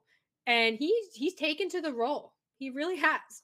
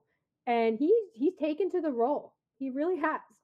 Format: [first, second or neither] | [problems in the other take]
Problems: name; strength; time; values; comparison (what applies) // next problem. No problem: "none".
first | muffled; very; fading above 1.5 kHz